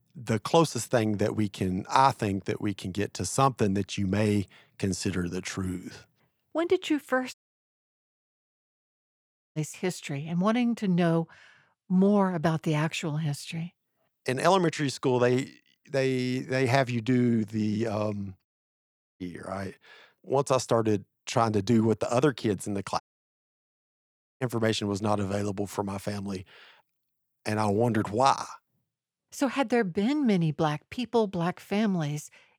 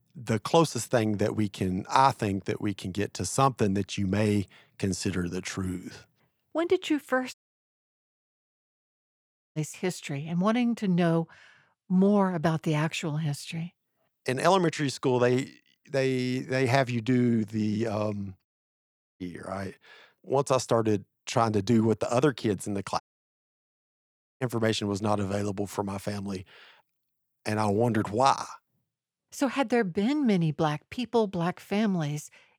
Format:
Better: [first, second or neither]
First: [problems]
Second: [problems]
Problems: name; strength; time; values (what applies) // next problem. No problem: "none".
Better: neither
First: audio cutting out; at 7.5 s for 2 s, at 18 s for 0.5 s and at 23 s for 1.5 s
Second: audio cutting out; at 7.5 s for 2 s, at 18 s for 0.5 s and at 23 s for 1.5 s